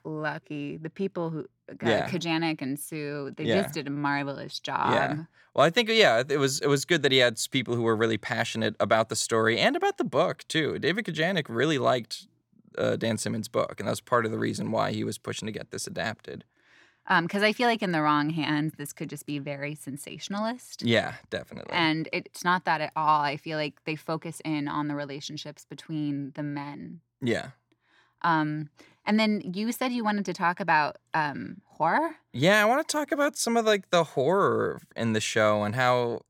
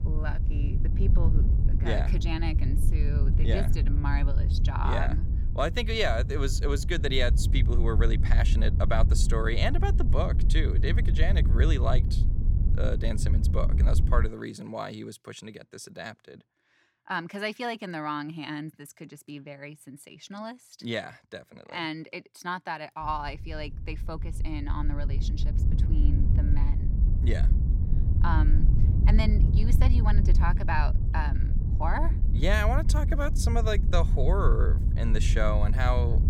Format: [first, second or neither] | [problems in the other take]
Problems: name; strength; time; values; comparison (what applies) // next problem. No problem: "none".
first | wind noise on the microphone; heavy; until 14 s and from 23 s on; 9 dB below the speech